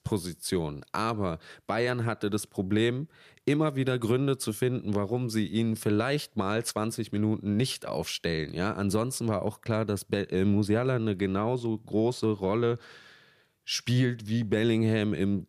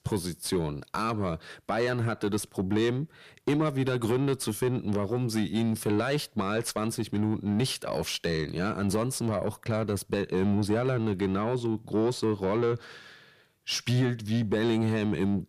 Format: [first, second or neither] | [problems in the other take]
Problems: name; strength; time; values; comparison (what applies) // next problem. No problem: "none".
first | distortion; slight; 10 dB below the speech